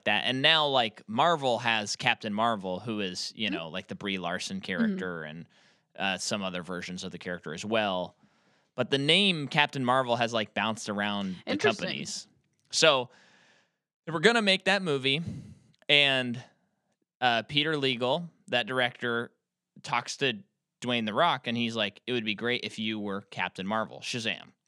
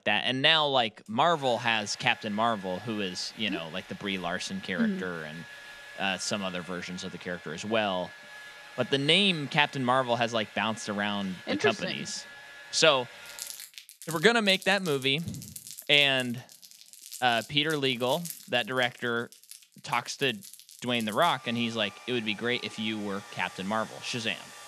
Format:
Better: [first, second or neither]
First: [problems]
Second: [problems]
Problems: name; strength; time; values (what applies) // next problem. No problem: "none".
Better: first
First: none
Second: household noises; noticeable; throughout; 15 dB below the speech